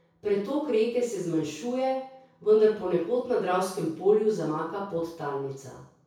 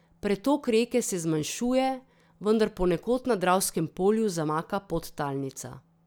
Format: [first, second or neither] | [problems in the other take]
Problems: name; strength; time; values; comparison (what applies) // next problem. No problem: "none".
second | room echo; dies away in 0.6 s